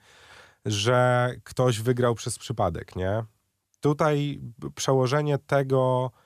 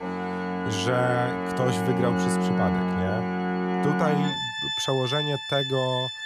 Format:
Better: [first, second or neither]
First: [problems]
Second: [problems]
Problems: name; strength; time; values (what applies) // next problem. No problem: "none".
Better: first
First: none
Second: background music; very loud; throughout; 1 dB above the speech